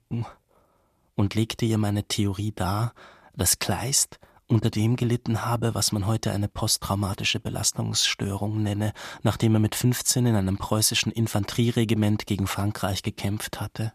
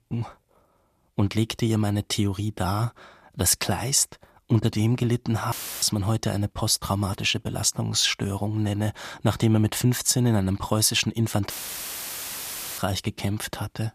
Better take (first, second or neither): first